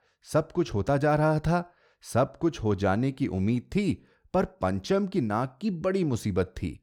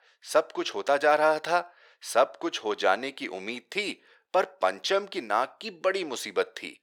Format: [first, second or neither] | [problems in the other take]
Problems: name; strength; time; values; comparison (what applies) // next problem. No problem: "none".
first | thin; very; fading below 500 Hz